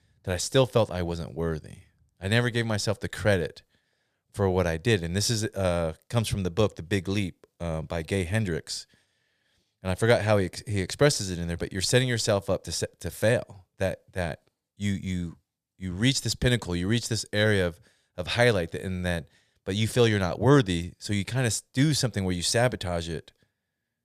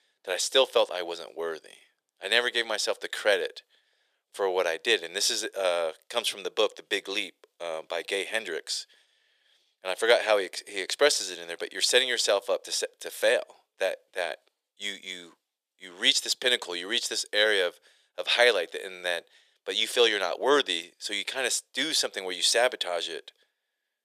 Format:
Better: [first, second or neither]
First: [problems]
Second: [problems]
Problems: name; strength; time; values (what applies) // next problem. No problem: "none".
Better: first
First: none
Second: thin; very; fading below 400 Hz